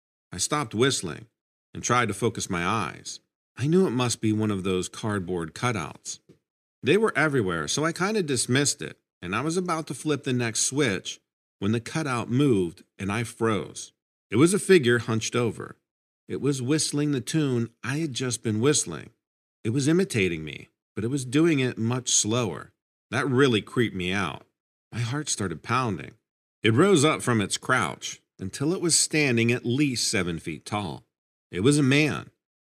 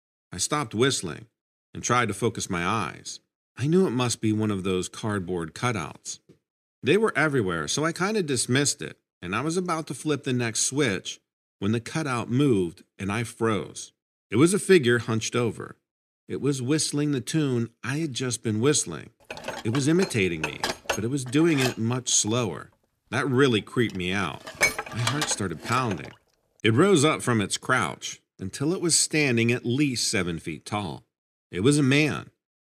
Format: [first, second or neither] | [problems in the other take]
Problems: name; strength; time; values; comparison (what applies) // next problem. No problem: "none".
first | clattering dishes; loud; from 19 to 26 s; peak 1 dB above the speech